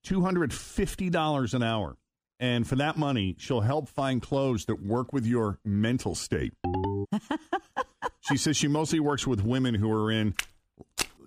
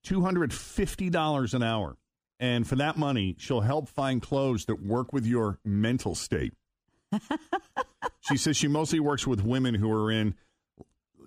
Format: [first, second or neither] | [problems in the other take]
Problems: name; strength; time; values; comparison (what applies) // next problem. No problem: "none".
second | phone ringing; noticeable; at 6.5 s; peak 2 dB below the speech // footsteps; noticeable; at 10 s; peak 4 dB below the speech